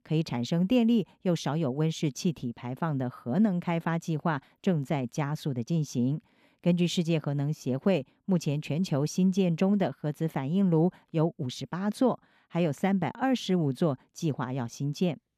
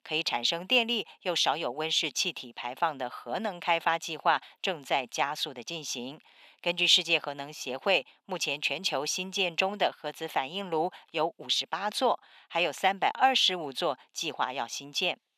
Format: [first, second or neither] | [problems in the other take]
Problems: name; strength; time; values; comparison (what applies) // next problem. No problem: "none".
first | thin; very; fading below 700 Hz